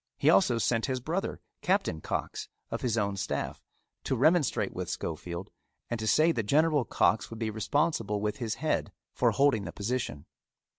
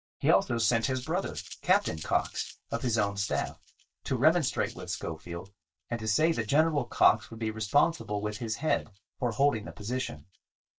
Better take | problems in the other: first | noise reduction (neural mask model DeepFilterNet 3)

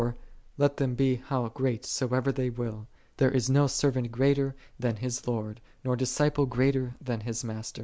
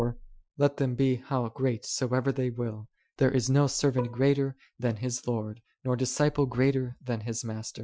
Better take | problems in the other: first | noise reduction (classical method Wiener filter)

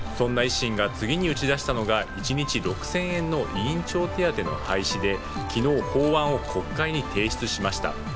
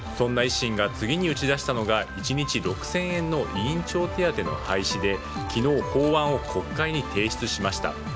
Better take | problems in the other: second | background sound (Bird vocalization, bird call, bird song); 13 dB below the speech

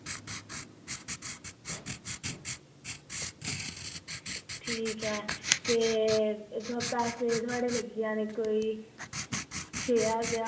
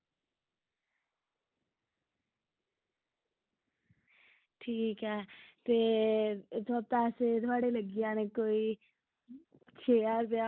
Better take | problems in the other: second | background sound (Writing); 5 dB below the speech // room echo; dies away in 0.8 s

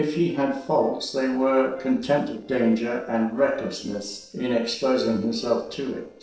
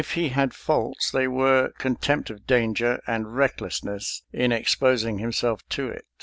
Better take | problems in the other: second | noise reduction (neural separator model SepFormer DNS4)

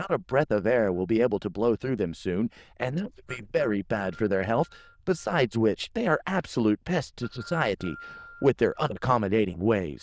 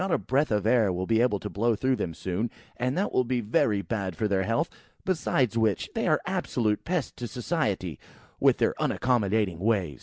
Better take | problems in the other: second | noise reduction (neural diffusion model UNIVERSE++)

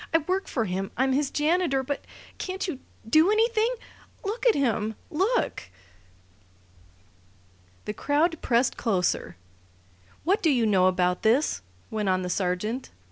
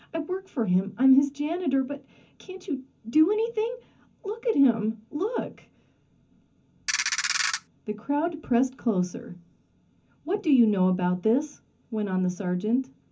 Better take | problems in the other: first | background sound (Ratchet, pawl); 1 dB below the speech // room echo; dies away in 0.3 s

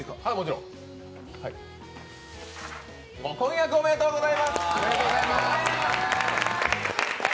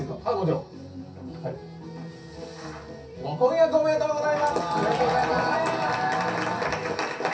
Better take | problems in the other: first | room echo; dies away in 0.3 s

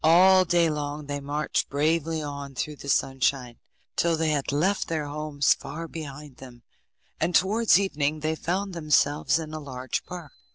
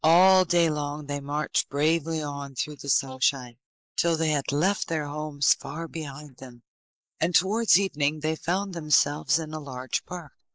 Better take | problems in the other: first | noise reduction (neural mask model Resemble Enhance denoiser)

